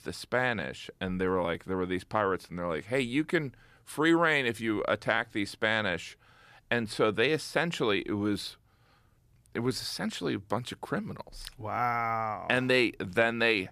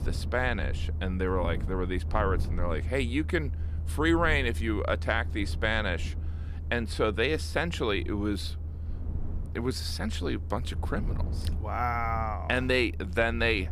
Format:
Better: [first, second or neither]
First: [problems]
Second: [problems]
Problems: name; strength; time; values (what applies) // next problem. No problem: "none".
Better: first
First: none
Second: low rumble; noticeable; throughout; 20 dB below the speech